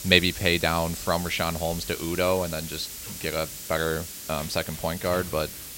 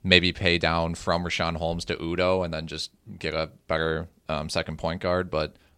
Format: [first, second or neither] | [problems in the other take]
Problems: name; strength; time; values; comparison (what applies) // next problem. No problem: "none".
second | hiss; loud; throughout; 8 dB below the speech